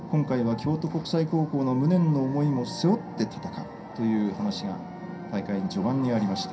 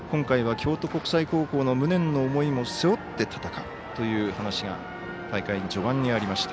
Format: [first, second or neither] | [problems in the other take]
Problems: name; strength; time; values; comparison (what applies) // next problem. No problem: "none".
second | room echo; dies away in 0.3 s